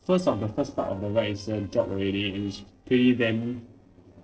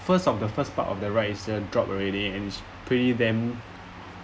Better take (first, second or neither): second